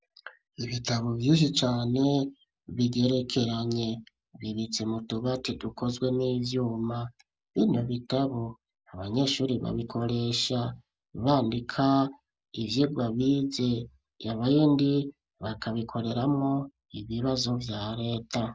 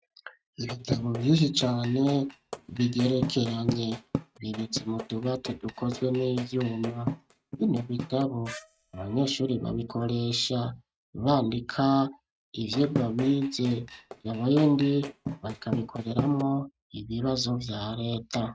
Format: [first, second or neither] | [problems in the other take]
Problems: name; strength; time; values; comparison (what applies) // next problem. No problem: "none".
first | noise reduction (neural mask model RNNoise)